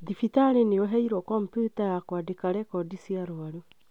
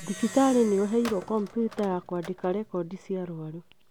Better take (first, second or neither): first